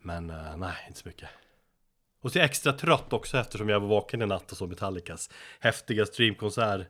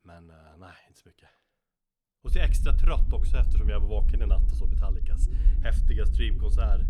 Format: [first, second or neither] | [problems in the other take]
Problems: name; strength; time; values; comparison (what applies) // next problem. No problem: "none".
first | low rumble; loud; from 2.5 s on; 10 dB below the speech